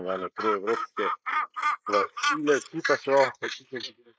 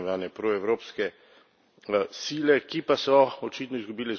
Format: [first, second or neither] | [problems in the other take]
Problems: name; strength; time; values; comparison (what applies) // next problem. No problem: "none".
second | noise reduction (neural mask model Resemble Enhance denoiser)